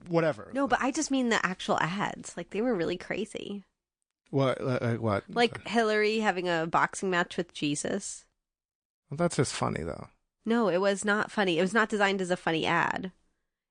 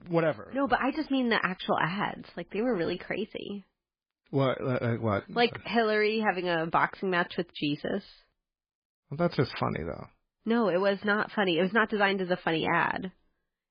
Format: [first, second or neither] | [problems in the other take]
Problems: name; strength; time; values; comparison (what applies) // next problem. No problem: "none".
first | garbled, watery; badly; nothing above 4.5 kHz; slightly in the first